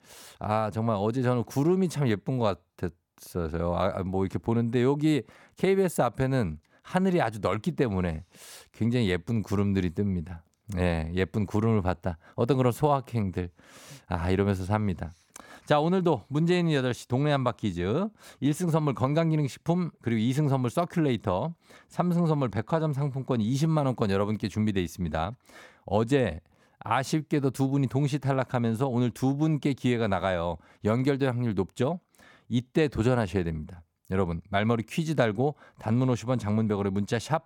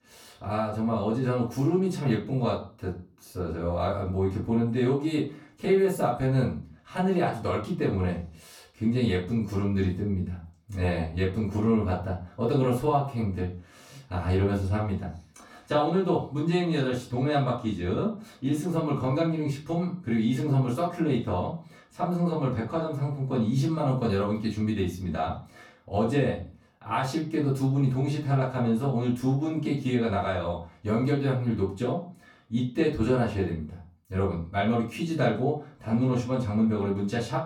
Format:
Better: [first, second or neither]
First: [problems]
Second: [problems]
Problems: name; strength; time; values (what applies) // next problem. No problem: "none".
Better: first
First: none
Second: room echo; slight; dies away in 0.3 s // off-mic speech; far